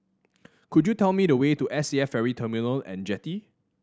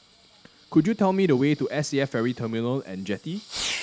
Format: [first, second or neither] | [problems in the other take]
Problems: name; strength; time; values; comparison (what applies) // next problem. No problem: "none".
first | background sound (Fireworks); 14 dB below the speech